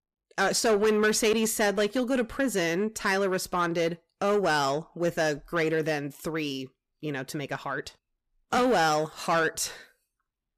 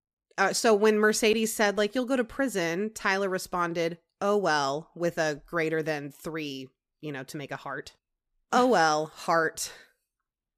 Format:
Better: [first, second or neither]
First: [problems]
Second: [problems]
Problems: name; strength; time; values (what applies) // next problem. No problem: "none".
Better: second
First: distortion; slight; 10 dB below the speech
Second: none